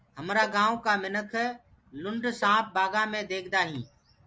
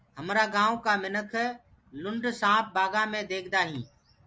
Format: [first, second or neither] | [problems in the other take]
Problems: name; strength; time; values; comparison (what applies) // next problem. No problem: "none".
second | background sound (Bowed string instrument); 20 dB below the speech